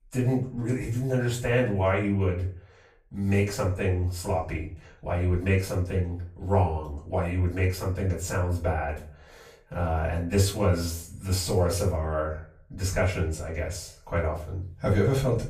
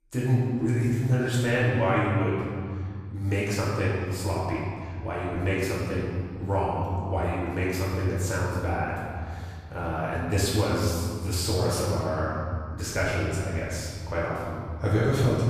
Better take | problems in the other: first | room echo; strong; dies away in 2.1 s; slight in the first // off-mic speech; far; far in the first

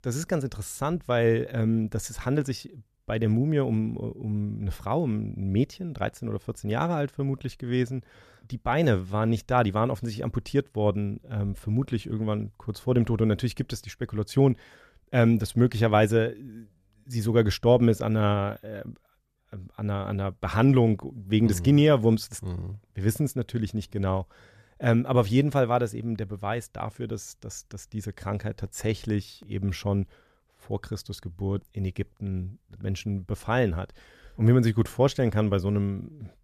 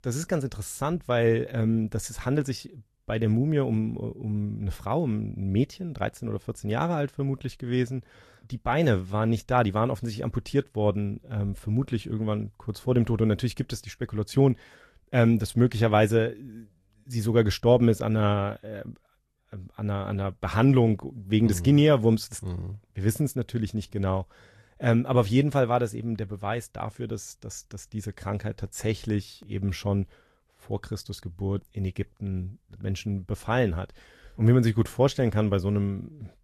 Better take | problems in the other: first | garbled, watery; slightly; nothing above 13 kHz

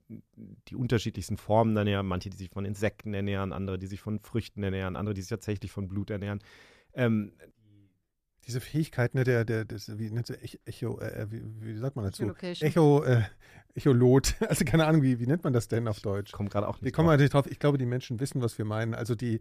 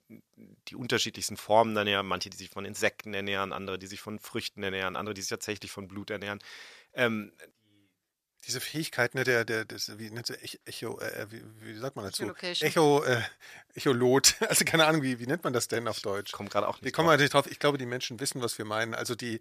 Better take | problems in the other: first | thin; somewhat; fading below 1 kHz

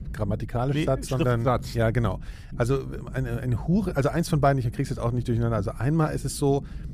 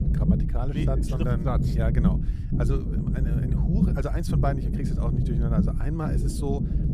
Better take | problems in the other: first | low rumble; loud; throughout; 1 dB below the speech; faint in the first

